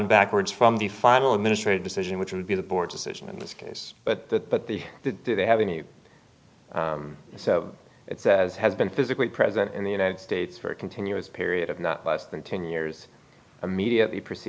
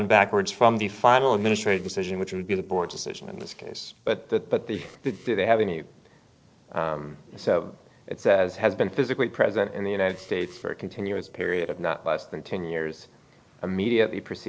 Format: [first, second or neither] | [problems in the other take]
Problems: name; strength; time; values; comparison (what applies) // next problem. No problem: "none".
first | noise reduction (neural separator model SepFormer DNS4)